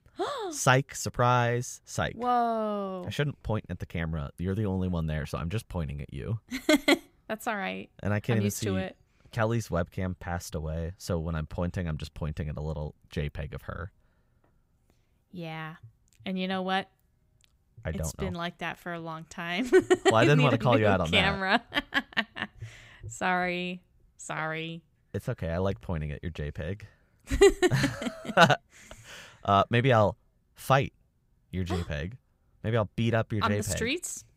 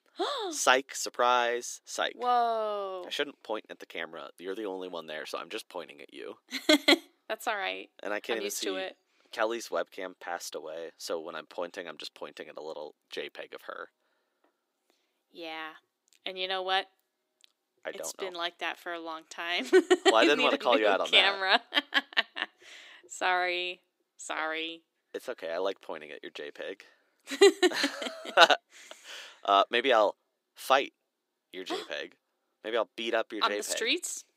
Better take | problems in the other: first | thin; somewhat; fading below 300 Hz

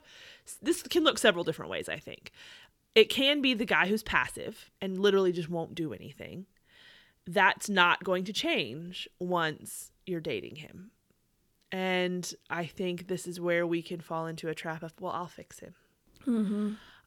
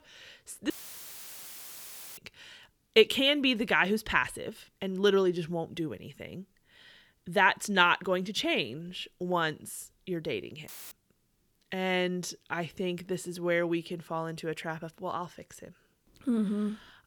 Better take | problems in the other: first | audio cutting out; filled with static; at 0.5 s for 1.5 s and at 11 s

